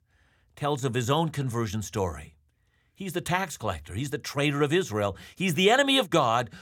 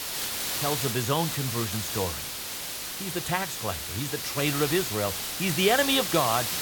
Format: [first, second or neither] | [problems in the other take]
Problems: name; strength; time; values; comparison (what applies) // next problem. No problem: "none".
first | hiss; loud; throughout; 2 dB below the speech